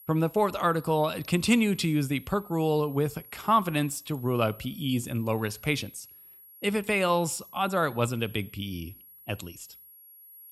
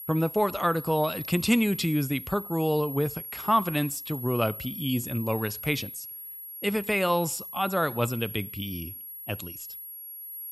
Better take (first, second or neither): first